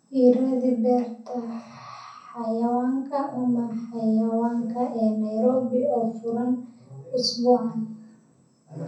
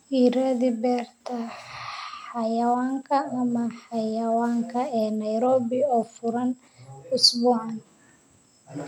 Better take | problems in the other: second | room echo; dies away in 0.6 s

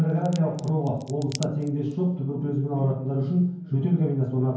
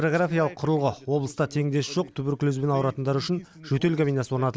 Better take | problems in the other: second | background sound (Crack); 19 dB below the speech // room echo; dies away in 0.9 s

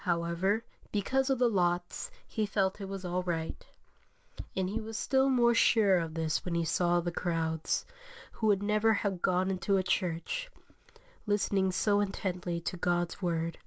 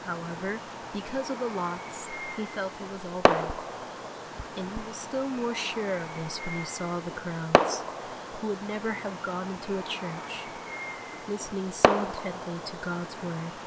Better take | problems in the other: first | background sound (Fireworks); 3 dB above the speech

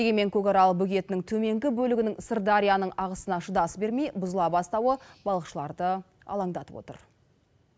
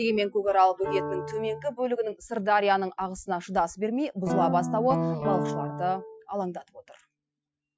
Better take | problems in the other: first | noise reduction (classical method Wiener filter)

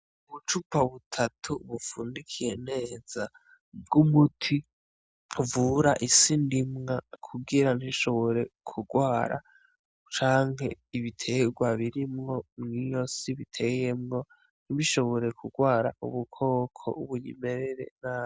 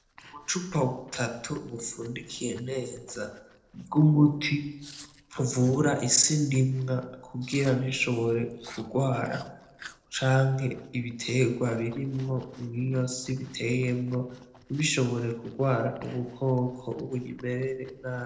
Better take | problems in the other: first | noise reduction (neural separator model SepFormer DNS4)

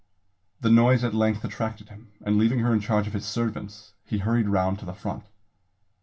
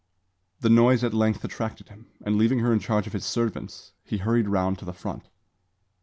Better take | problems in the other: second | room echo; dies away in 0.2 s

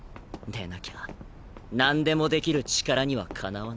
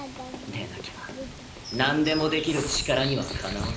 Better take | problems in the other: first | background sound (Bird vocalization, bird call, bird song); 8 dB below the speech // room echo; dies away in 0.5 s

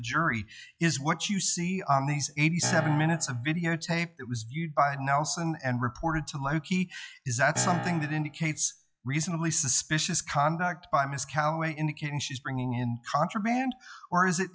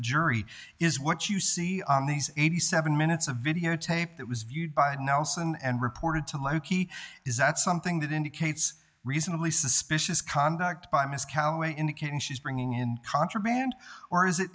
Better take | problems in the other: second | noise reduction (classical method log-MMSE)

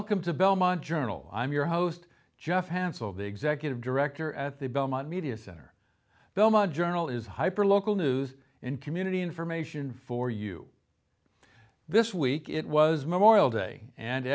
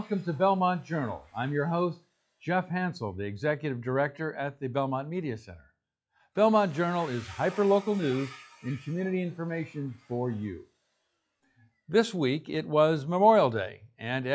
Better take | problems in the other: first | noise reduction (classical method log-MMSE)

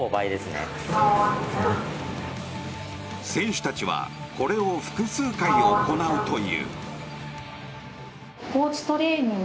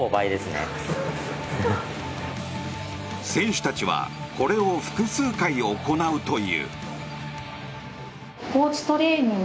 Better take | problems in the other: second | background sound (Sliding door); 1 dB above the speech

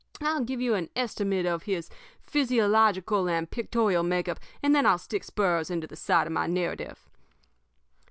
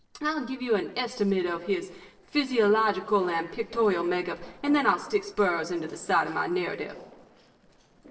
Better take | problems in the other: first | noise reduction (neural separator model SepFormer DNS4)

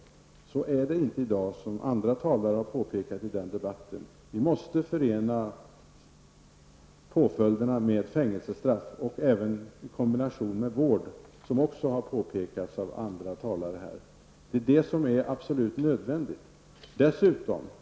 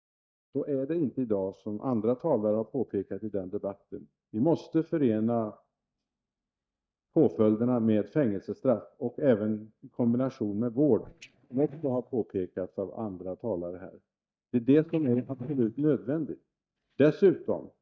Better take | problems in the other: first | noise reduction (neural mask model DeepFilterNet 3)

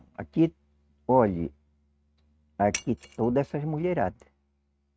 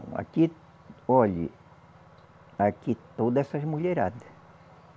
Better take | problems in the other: second | noise reduction (neural mask model RNNoise)

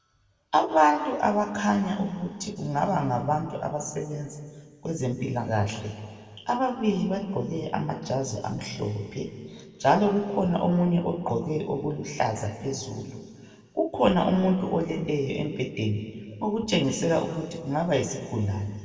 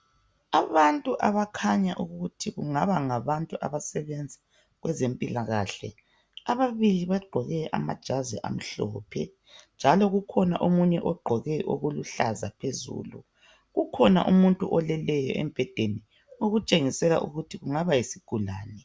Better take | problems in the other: second | room echo; dies away in 1.9 s

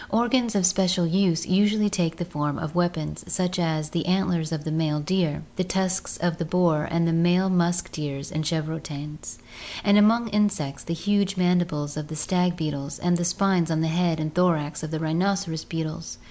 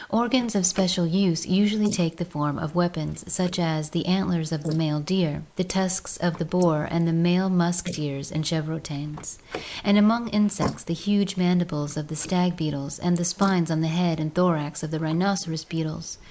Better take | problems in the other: first | noise reduction (neural mask model Resemble Enhance denoiser)

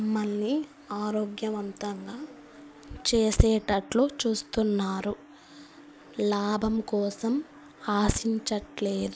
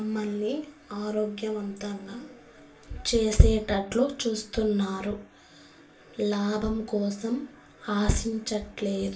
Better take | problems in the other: first | room echo; dies away in 0.3 s

